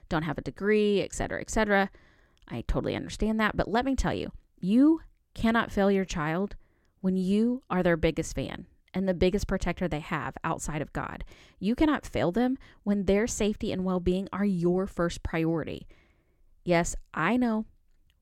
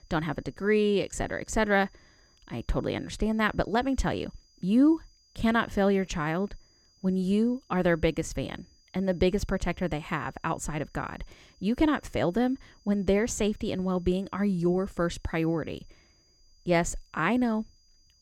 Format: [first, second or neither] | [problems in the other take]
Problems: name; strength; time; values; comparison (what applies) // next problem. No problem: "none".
first | high-pitched whine; faint; throughout; 5 kHz, 35 dB below the speech